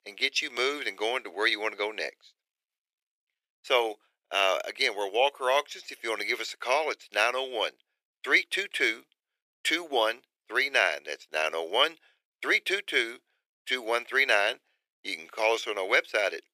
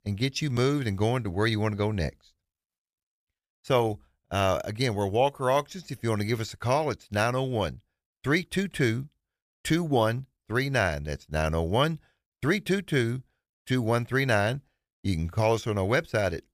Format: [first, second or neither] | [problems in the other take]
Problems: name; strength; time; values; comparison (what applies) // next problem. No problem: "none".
second | thin; very; fading below 400 Hz